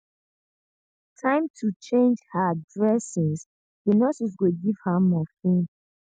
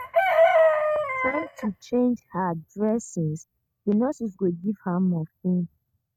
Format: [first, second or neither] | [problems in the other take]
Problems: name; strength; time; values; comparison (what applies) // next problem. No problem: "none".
first | noise reduction (neural mask model RNNoise)